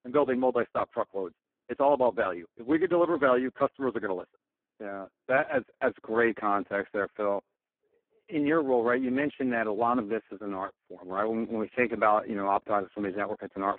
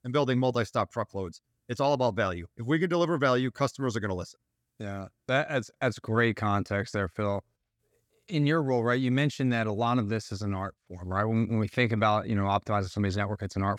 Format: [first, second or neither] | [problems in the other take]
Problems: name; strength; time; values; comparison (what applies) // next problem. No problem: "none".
second | phone-call audio; poor line; nothing above 3.5 kHz